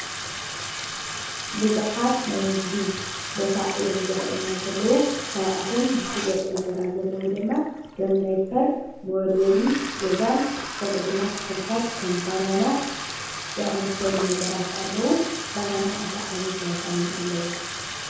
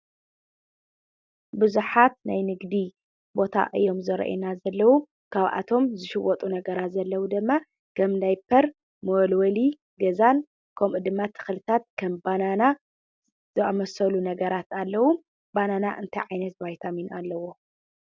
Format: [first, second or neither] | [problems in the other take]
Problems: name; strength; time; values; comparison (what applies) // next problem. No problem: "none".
second | background sound (Bathtub (filling or washing)); 7 dB below the speech // room echo; dies away in 0.9 s